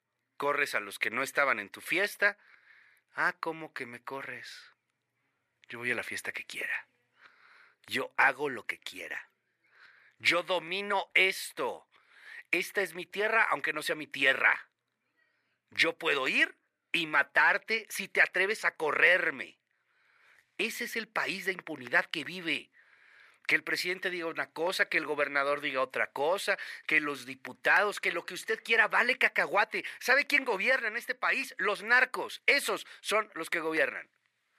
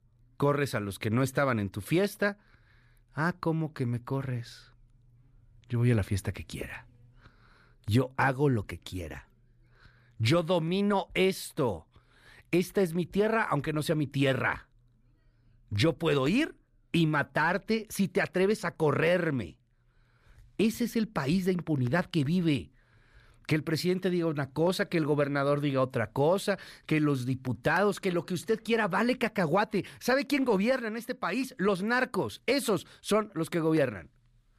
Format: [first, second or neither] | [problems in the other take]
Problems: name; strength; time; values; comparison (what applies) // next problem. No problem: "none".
second | thin; very; fading below 550 Hz